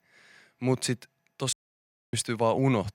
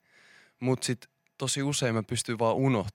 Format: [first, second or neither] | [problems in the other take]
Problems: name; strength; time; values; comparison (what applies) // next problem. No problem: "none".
second | audio cutting out; at 1.5 s for 0.5 s